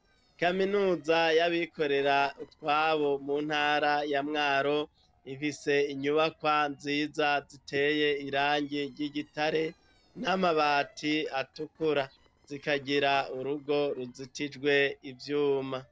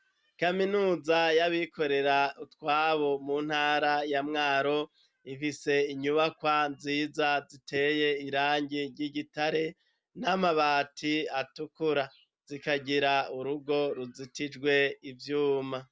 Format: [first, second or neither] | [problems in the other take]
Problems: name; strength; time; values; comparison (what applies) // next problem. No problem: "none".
second | noise reduction (neural separator model SepFormer DNS4)